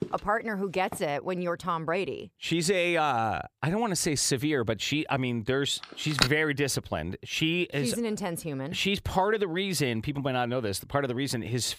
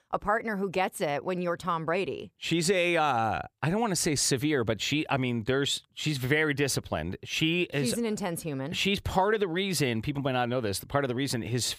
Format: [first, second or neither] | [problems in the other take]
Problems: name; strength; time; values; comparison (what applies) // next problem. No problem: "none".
second | footsteps; faint; at the start; peak 10 dB below the speech // phone ringing; loud; at 6 s; peak 2 dB above the speech